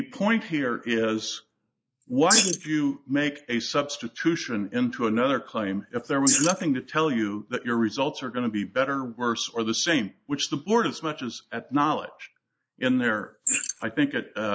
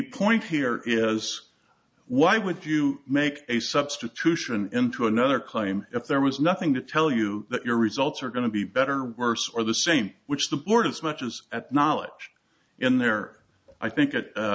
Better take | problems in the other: second | noise reduction (neural mask model Resemble Enhance denoiser)

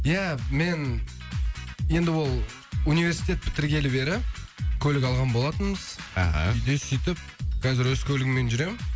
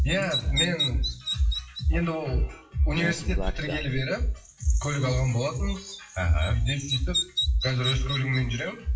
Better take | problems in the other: first | noise reduction (classical method WPE with log-MMSE)

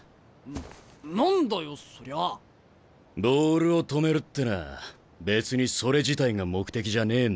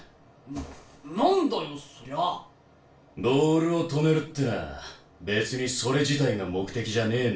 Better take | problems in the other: first | room echo; dies away in 0.4 s

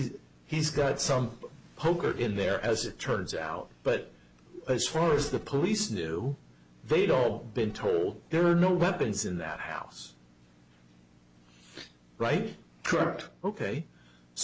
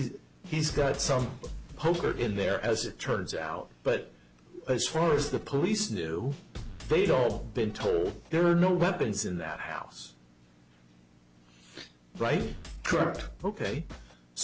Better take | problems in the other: first | background sound (Drum kit); 11 dB below the speech

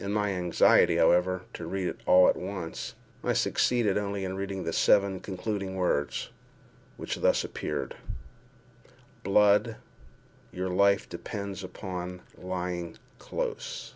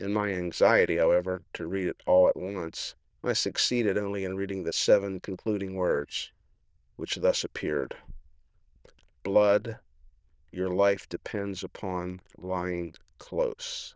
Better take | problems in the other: first | noise reduction (neural diffusion model UNIVERSE++)

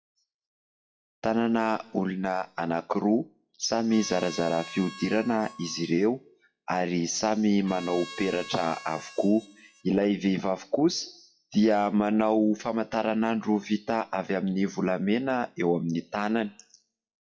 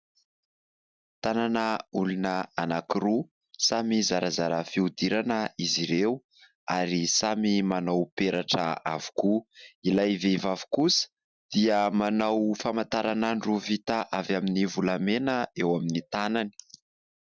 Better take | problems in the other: second | noise reduction (classical method WPE with log-MMSE)

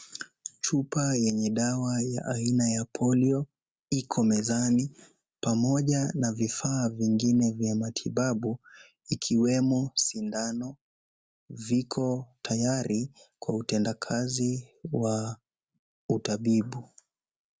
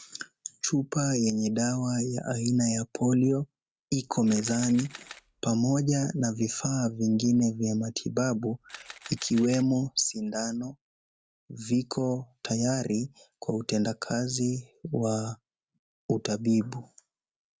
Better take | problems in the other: first | background sound (Camera); 19 dB below the speech

